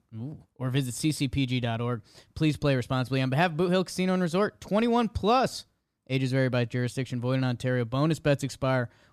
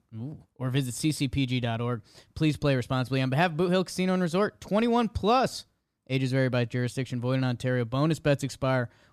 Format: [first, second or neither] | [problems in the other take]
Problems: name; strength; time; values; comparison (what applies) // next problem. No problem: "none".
neither | none